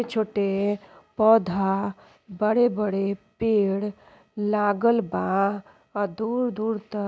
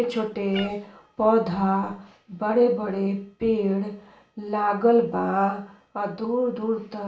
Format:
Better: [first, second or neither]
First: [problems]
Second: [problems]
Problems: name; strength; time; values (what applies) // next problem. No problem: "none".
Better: first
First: none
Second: background sound (Meow); 16 dB below the speech // room echo; dies away in 0.4 s